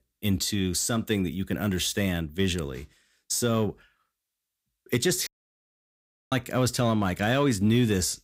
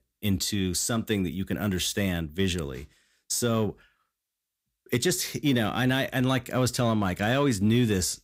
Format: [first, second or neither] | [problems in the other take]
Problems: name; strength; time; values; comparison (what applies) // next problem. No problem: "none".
second | audio cutting out; at 5.5 s for 1 s